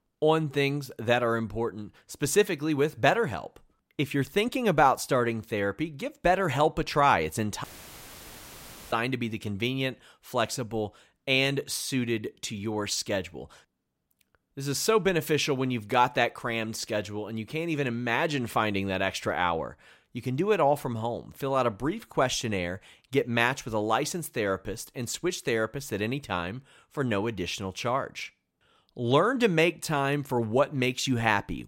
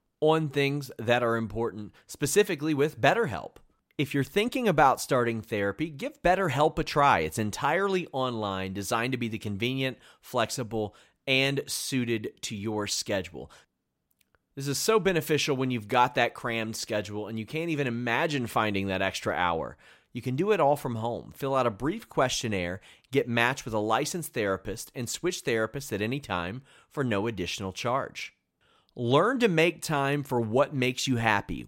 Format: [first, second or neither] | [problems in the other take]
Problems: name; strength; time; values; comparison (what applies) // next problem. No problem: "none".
second | audio cutting out; filled with static; at 7.5 s for 1.5 s